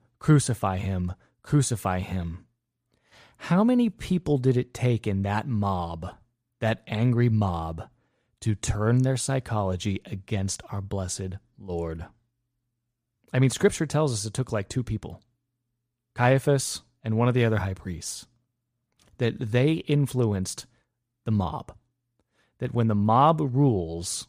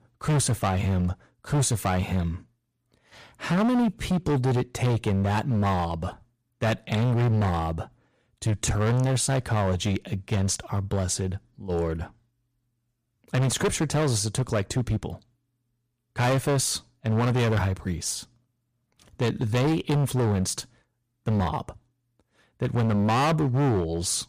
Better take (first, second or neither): first